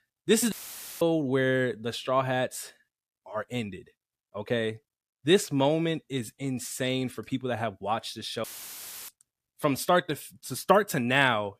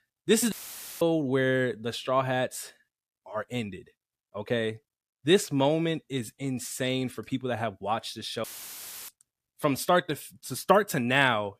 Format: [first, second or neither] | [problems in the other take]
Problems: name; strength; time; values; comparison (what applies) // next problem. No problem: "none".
neither | audio cutting out; filled with static; at 0.5 s and at 8.5 s for 0.5 s; the same in both